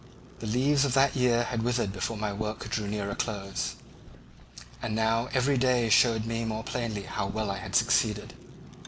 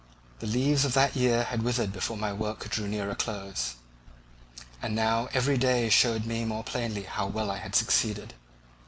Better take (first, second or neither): second